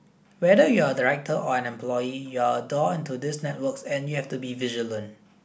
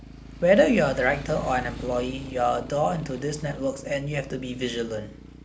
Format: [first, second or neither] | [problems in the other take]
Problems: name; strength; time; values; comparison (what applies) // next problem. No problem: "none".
first | background sound (Motorcycle); 14 dB below the speech